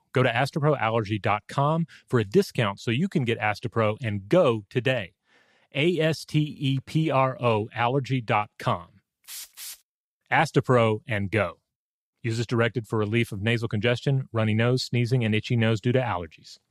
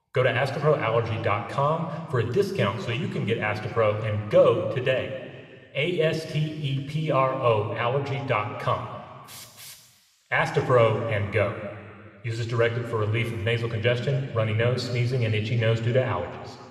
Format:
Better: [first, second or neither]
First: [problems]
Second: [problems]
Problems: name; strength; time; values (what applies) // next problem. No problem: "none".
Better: first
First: none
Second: room echo; slight; dies away in 2.1 s